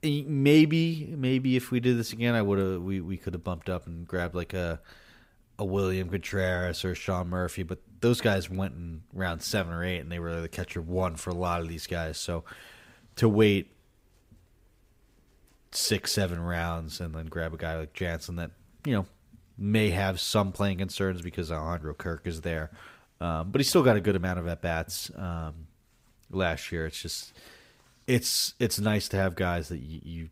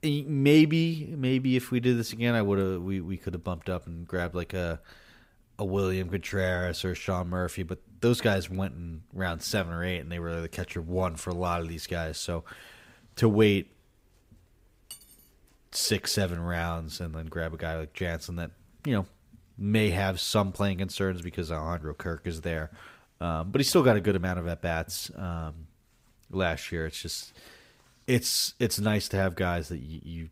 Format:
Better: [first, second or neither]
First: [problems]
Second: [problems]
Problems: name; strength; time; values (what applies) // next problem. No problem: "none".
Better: first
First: none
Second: clattering dishes; faint; at 15 s; peak 15 dB below the speech